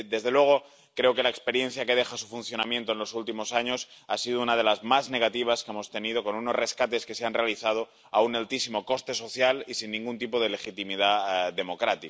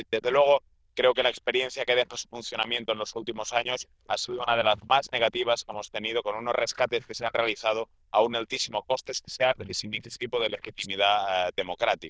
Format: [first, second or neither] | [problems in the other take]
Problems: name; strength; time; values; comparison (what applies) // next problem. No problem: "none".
first | noise reduction (neural diffusion model UNIVERSE++)